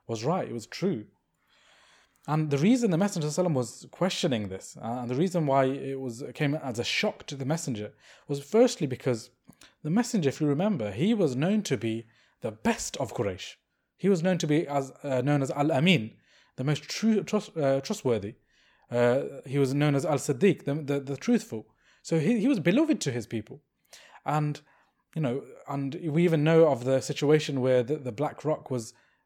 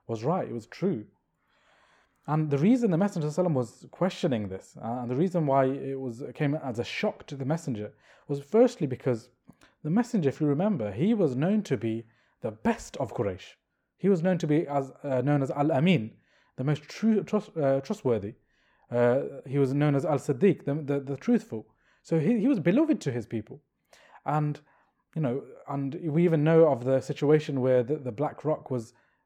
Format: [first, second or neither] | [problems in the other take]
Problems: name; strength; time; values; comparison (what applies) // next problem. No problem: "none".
first | muffled; slightly; fading above 2.5 kHz